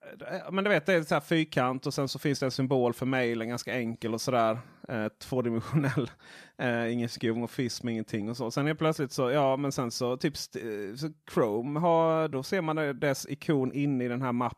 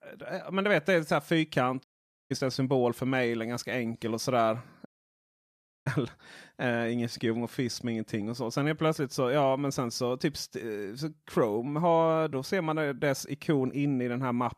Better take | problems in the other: first | audio cutting out; at 2 s and at 5 s for 1 s

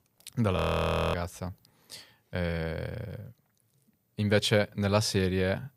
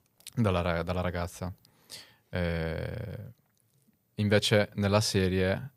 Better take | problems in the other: second | audio freezing; at 0.5 s for 0.5 s

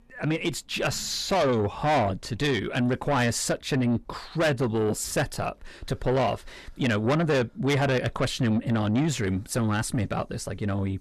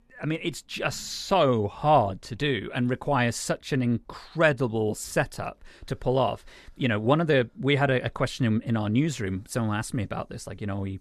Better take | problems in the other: second | distortion; heavy; 8 dB below the speech

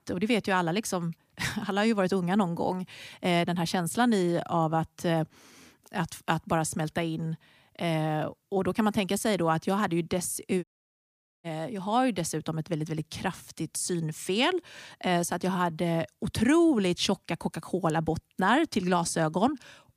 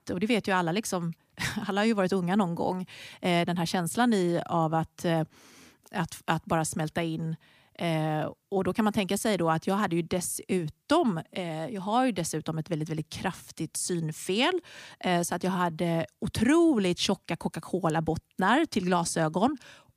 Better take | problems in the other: second | audio cutting out; at 11 s for 1 s

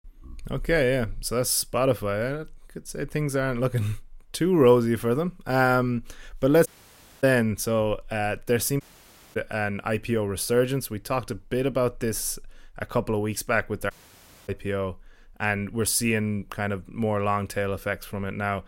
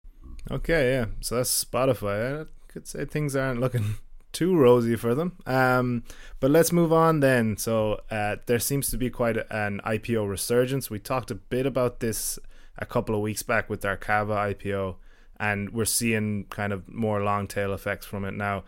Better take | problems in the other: second | audio cutting out; at 6.5 s for 0.5 s, at 9 s for 0.5 s and at 14 s for 0.5 s

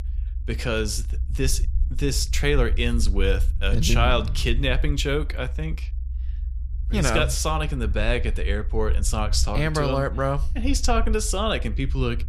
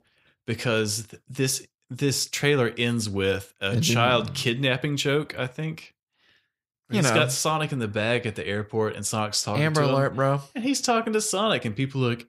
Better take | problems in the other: second | low rumble; faint; throughout; 20 dB below the speech

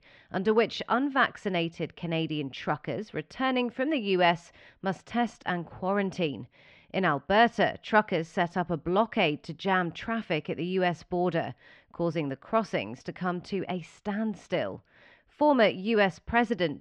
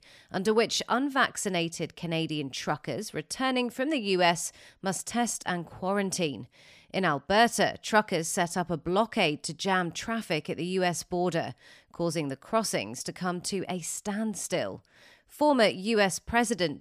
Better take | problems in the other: second | muffled; slightly; fading above 3 kHz

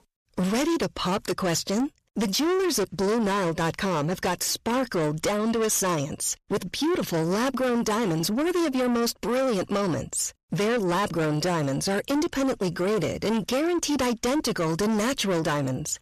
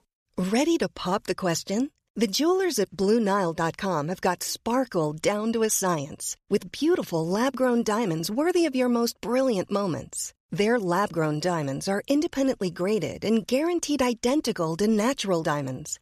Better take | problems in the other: second | distortion; heavy; 7 dB below the speech

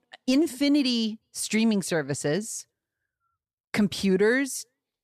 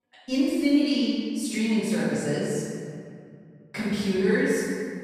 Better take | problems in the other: first | room echo; strong; dies away in 2.2 s // off-mic speech; far

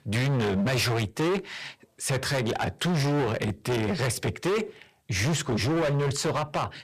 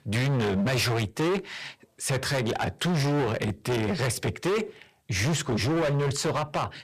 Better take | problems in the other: neither | distortion; heavy; 28% of the sound clipped; the same in both

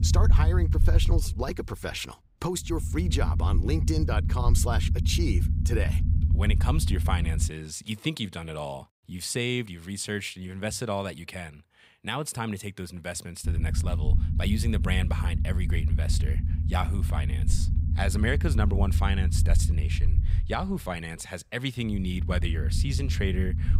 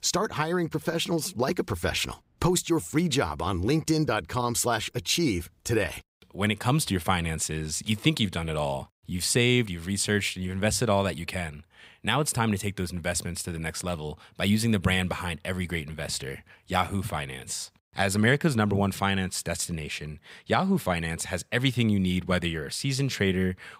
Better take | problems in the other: second | low rumble; loud; until 7.5 s and from 13 s on; 9 dB below the speech

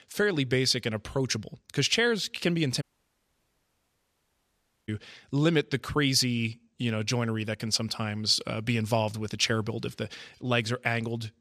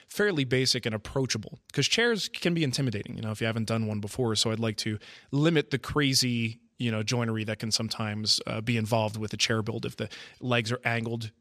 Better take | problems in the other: second | audio cutting out; at 3 s for 2 s

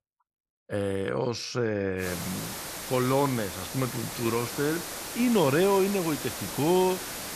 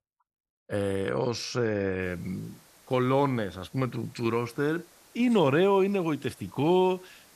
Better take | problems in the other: second | hiss; loud; from 2 s on; 7 dB below the speech; faint in the second

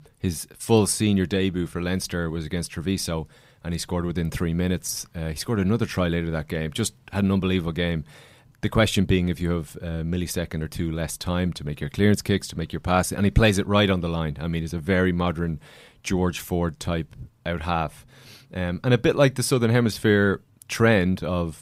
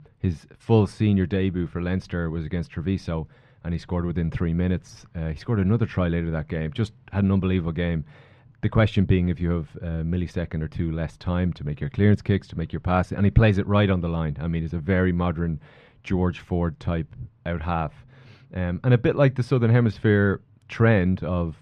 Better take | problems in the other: first | muffled; slightly; fading above 2.5 kHz

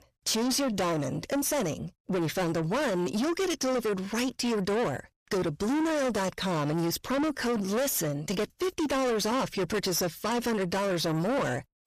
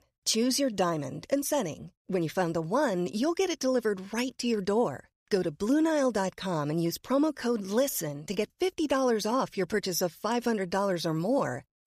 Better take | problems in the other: second | distortion; heavy; 7 dB below the speech

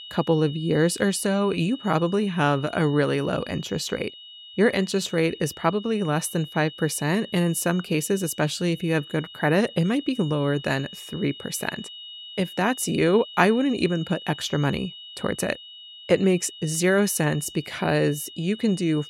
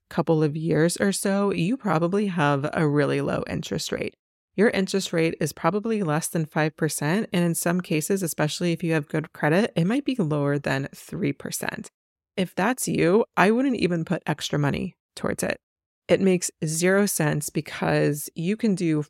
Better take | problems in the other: second | high-pitched whine; noticeable; throughout; 3 kHz, 15 dB below the speech

